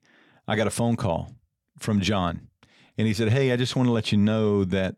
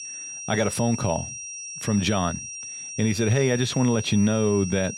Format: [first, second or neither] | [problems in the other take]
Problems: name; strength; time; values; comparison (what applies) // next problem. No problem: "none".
first | high-pitched whine; loud; throughout; 5.5 kHz, 9 dB below the speech